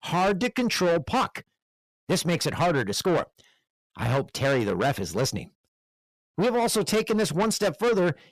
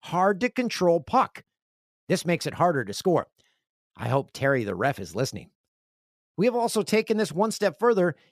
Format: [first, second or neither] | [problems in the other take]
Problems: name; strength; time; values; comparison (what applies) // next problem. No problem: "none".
second | distortion; heavy; 7 dB below the speech